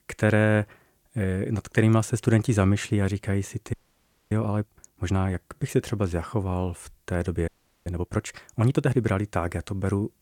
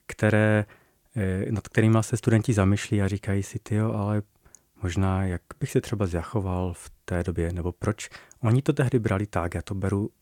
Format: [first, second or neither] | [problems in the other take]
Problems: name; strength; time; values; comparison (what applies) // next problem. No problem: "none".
second | audio freezing; at 3.5 s for 0.5 s and at 7.5 s